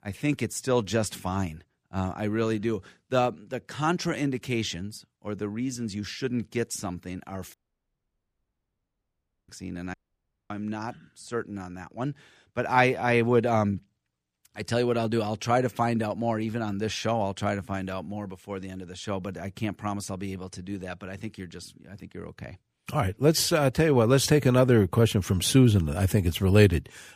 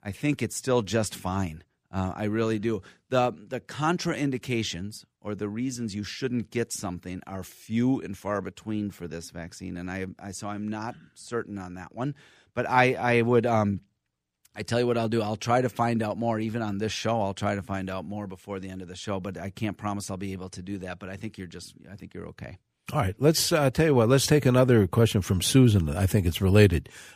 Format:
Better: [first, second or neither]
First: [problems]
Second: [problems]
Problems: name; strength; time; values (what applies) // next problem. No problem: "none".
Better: second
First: audio cutting out; at 7.5 s for 2 s and at 10 s for 0.5 s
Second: none